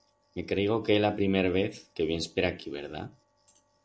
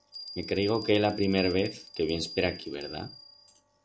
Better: first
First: none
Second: background sound (Bell); 14 dB below the speech

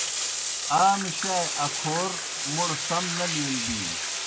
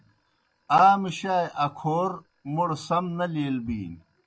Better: second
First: background sound (Bathtub (filling or washing)); 1 dB below the speech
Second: none

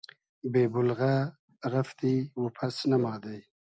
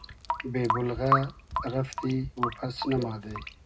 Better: first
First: none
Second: background sound (Drip / Sink (filling or washing) / Water tap, faucet); 2 dB below the speech // room echo; dies away in 0.2 s

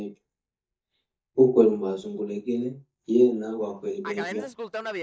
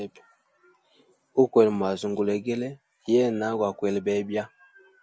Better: second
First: noise reduction (neural mask model DeepFilterNet 3)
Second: none

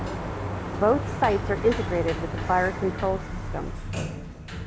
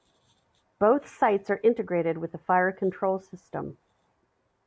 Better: second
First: background sound (Sliding door); 3 dB below the speech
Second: none

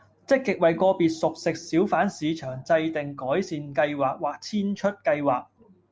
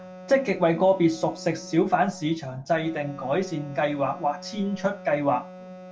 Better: first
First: none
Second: background sound (Wind instrument, woodwind instrument); 17 dB below the speech // room echo; dies away in 0.2 s

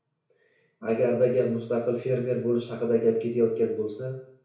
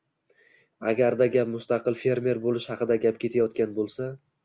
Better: second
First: room echo; dies away in 0.6 s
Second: none

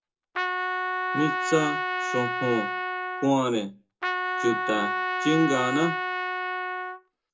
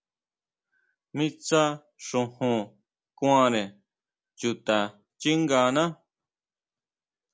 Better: second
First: background sound (Trumpet); 1 dB below the speech // room echo; dies away in 0.2 s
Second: none

